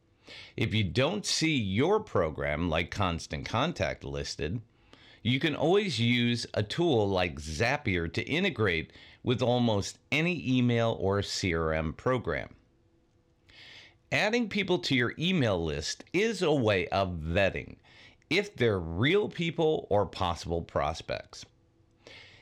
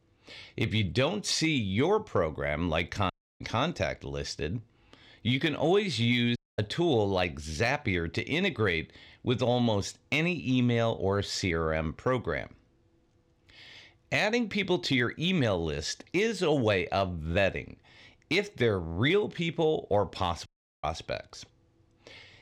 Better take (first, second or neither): first